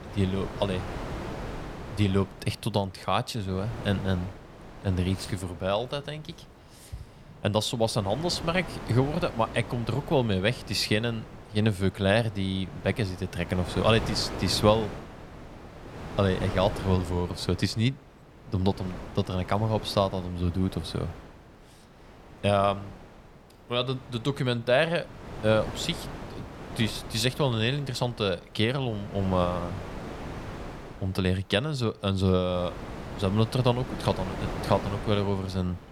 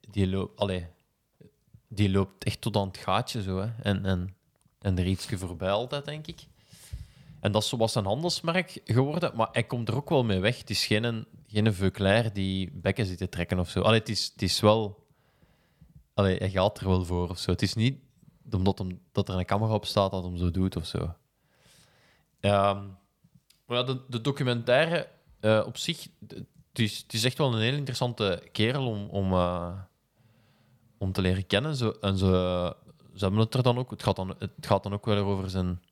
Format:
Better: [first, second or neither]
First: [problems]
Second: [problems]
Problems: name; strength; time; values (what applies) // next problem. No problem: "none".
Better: second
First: wind noise on the microphone; occasional gusts; 10 dB below the speech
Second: none